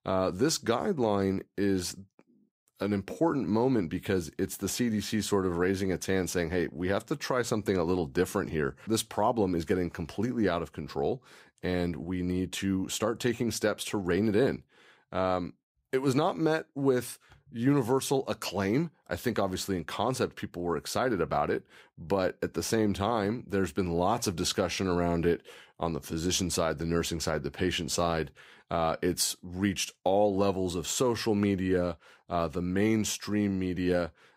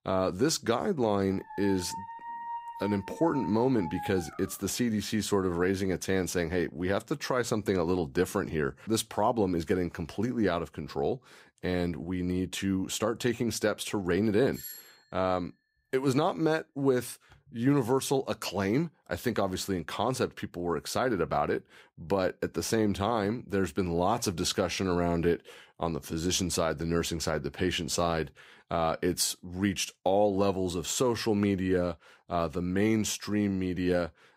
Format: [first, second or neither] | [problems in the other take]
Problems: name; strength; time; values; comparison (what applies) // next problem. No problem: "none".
first | dog barking; noticeable; from 1.5 to 4.5 s; peak 9 dB below the speech // doorbell; faint; at 15 s; peak 10 dB below the speech